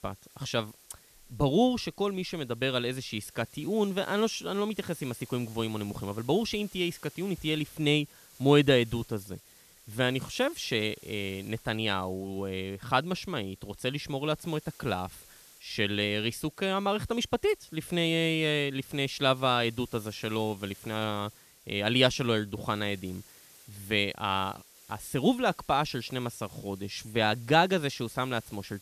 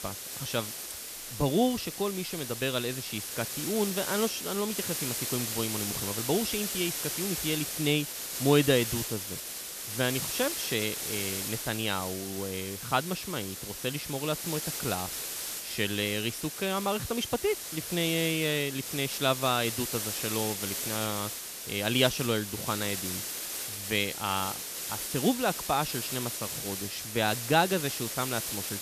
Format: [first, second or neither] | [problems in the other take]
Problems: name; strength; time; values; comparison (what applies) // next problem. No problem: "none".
first | hiss; loud; throughout; 3 dB below the speech; faint in the first